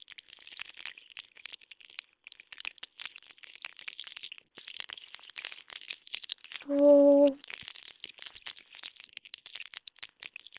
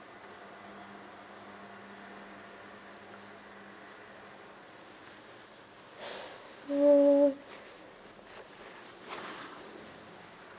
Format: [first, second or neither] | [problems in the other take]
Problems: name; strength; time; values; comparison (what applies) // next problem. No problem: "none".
second | noise reduction (neural separator model SepFormer WHAM!)